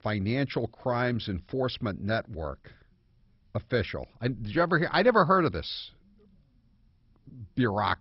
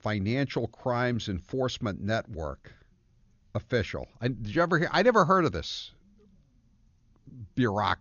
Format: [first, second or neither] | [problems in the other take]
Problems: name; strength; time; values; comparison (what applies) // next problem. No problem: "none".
second | garbled, watery; badly; nothing above 5.5 kHz; slightly in the second